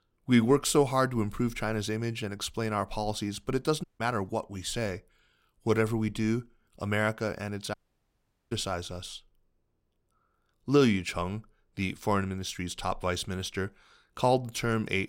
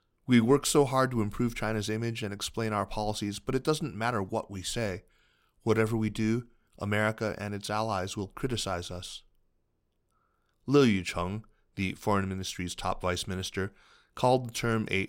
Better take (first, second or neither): second